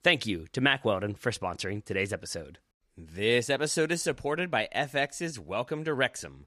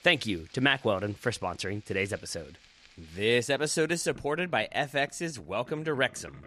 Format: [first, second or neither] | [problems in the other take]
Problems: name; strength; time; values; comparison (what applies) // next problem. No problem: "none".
first | household noises; faint; throughout; 25 dB below the speech